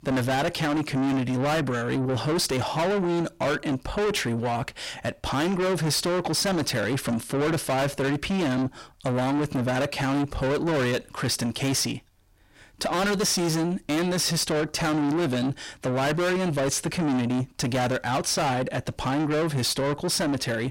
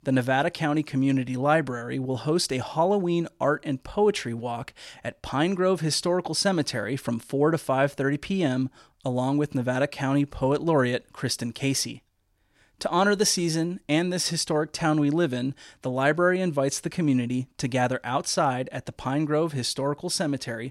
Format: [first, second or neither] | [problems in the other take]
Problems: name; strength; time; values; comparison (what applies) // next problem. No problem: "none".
second | distortion; heavy; 6 dB below the speech